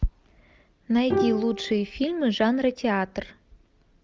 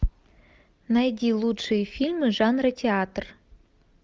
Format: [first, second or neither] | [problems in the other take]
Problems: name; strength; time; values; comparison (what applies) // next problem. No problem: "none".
second | background sound (Bowed string instrument); 7 dB below the speech